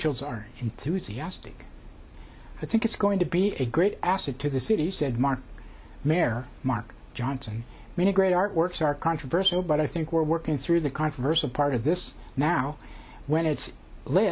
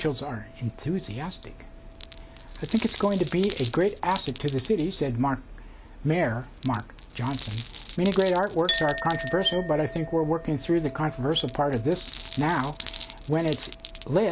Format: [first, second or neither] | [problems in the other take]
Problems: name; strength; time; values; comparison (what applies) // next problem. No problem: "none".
first | background sound (Chink, clink + Glass); 13 dB below the speech